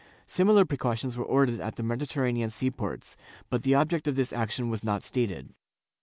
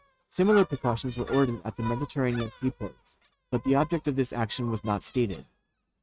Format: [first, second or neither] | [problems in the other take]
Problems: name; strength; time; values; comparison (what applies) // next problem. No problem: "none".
first | noise reduction (neural mask model RNNoise)